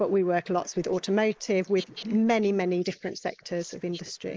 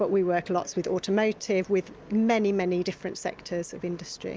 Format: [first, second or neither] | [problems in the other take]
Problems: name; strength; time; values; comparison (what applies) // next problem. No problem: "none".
second | noise reduction (neural mask model Resemble Enhance denoiser)